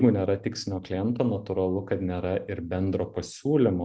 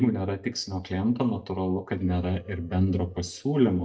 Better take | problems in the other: first | noise reduction (neural mask model DeepFilterNet 3)

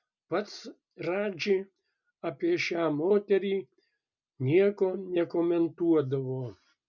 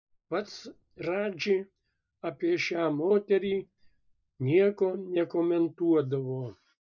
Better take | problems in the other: first | noise reduction (neural mask model DeepFilterNet 3)

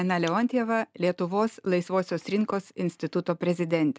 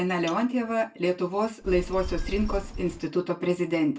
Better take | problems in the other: first | background sound (Telephone); 6 dB below the speech // room echo; dies away in 0.2 s

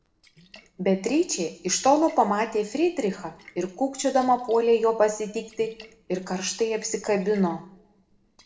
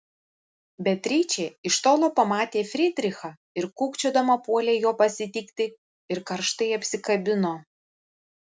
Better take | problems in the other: second | noise reduction (neural separator model SepFormer DNS4)

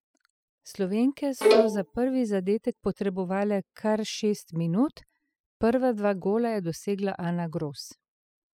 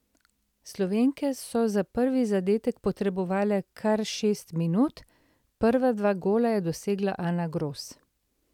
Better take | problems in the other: second | noise reduction (classical method spectral subtraction)

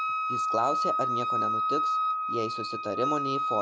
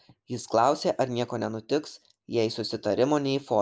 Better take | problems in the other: second | background sound (Wind instrument, woodwind instrument); 5 dB above the speech

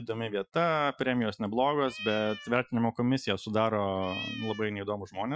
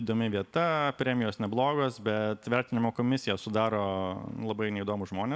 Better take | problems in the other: second | noise reduction (classical method Wiener filter)

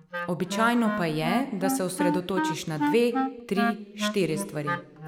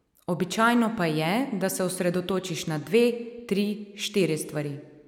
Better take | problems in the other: second | background sound (Wind instrument, woodwind instrument); 3 dB below the speech

